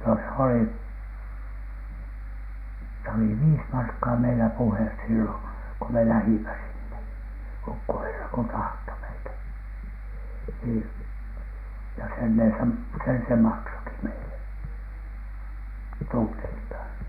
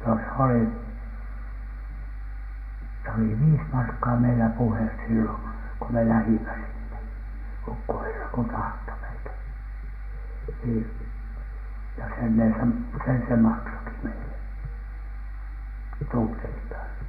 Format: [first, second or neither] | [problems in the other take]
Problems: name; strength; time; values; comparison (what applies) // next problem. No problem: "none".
first | room echo; dies away in 1.2 s